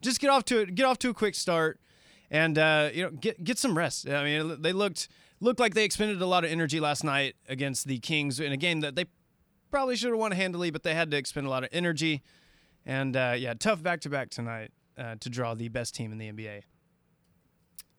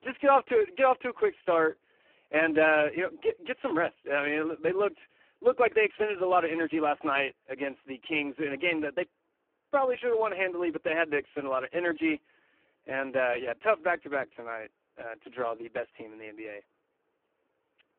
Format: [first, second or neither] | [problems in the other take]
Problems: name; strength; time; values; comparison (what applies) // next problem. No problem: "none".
first | phone-call audio; poor line